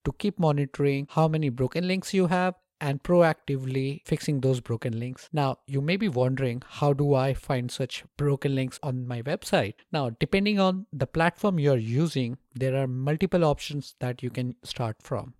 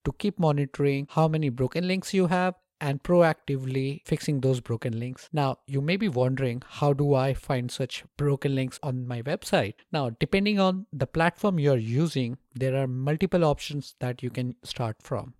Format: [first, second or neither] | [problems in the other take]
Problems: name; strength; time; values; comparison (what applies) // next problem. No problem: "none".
neither | none